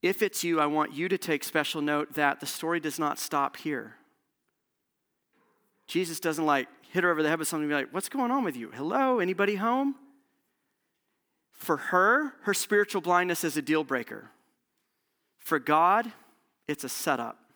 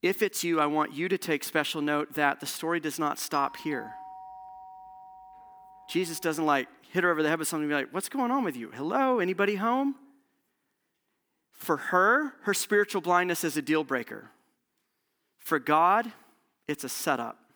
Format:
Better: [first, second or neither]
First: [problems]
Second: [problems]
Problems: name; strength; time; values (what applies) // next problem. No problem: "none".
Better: first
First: none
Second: doorbell; faint; from 3.5 to 6.5 s; peak 15 dB below the speech